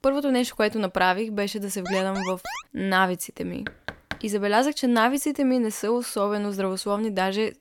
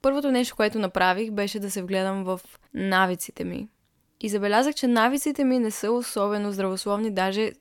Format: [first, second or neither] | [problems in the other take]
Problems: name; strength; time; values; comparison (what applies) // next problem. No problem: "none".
second | alarm; noticeable; at 2 s; peak 8 dB below the speech // door banging; faint; at 3.5 s; peak 10 dB below the speech